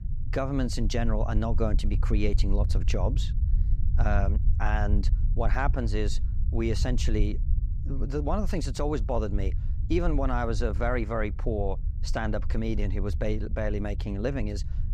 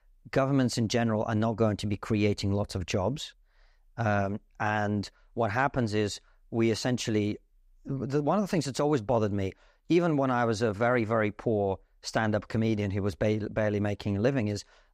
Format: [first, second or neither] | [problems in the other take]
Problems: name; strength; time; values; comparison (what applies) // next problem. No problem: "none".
second | low rumble; noticeable; throughout; 15 dB below the speech